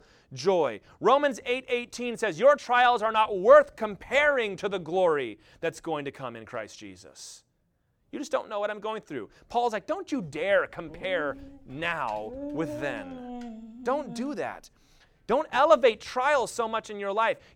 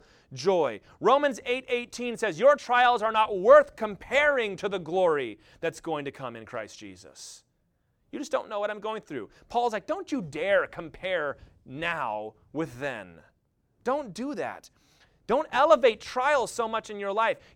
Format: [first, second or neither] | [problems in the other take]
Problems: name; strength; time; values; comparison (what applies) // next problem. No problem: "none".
second | dog barking; faint; from 11 to 14 s; peak 10 dB below the speech